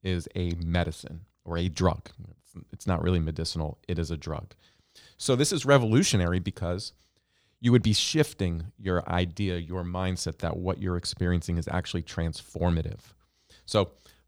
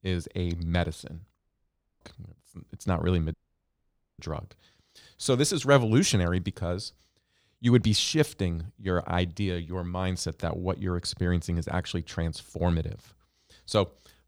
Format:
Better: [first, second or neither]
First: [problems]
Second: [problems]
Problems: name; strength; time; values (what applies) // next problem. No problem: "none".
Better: first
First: none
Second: audio cutting out; at 1.5 s for 0.5 s and at 3.5 s for 1 s